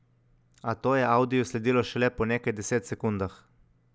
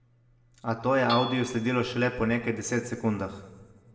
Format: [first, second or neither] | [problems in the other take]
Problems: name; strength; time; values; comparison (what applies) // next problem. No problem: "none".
first | background sound (Hammer / Chink, clink); 16 dB below the speech // room echo; dies away in 1.2 s